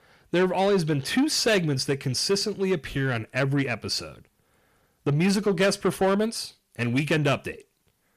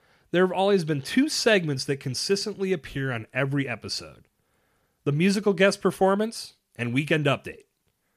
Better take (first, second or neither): second